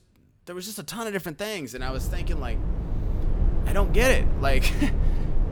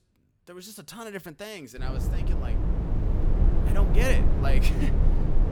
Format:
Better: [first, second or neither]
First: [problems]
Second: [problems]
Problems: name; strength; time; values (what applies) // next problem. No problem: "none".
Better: first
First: wind noise on the microphone; occasional gusts; from 2 s on; 10 dB below the speech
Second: wind noise on the microphone; heavy; from 2 s on; 2 dB below the speech